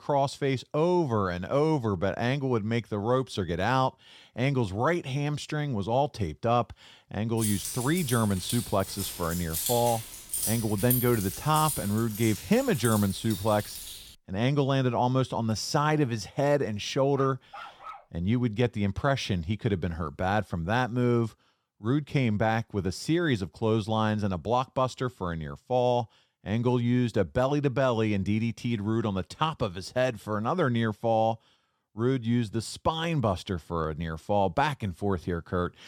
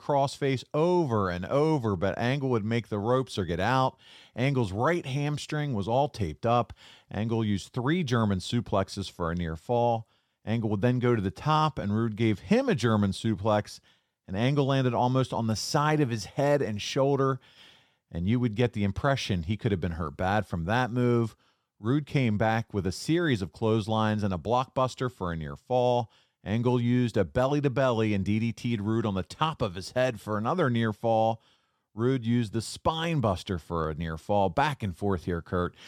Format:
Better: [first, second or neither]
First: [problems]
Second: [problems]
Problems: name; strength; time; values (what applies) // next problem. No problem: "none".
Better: second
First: jangling keys; noticeable; from 7.5 to 14 s; peak level with the speech // dog barking; faint; at 17 s; peak 15 dB below the speech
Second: none